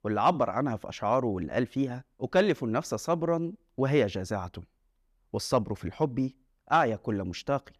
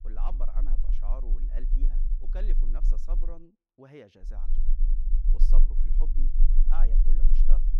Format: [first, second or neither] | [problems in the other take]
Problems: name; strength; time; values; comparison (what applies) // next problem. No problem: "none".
first | low rumble; loud; until 3.5 s and from 4.5 s on; 7 dB below the speech